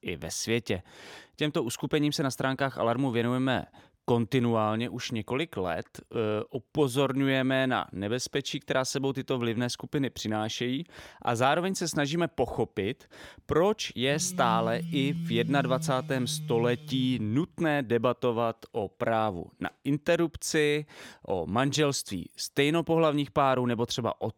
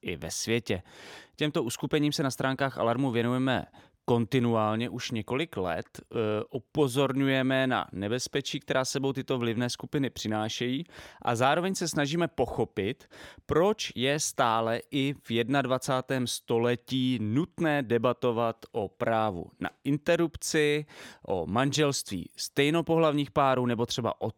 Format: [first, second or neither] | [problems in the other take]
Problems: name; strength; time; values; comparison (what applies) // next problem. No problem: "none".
second | phone ringing; noticeable; from 14 to 17 s; peak 5 dB below the speech